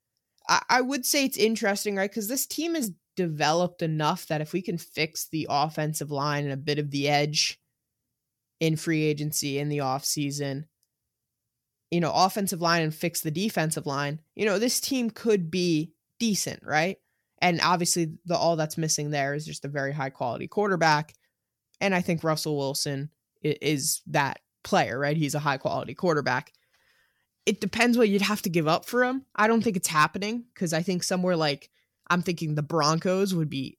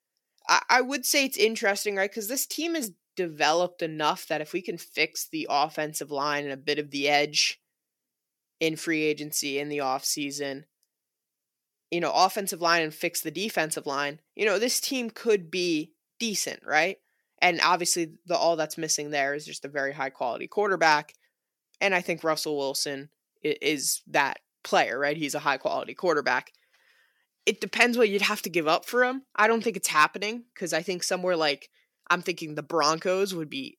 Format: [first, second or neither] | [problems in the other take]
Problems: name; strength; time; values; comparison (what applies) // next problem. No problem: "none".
first | thin; somewhat; fading below 350 Hz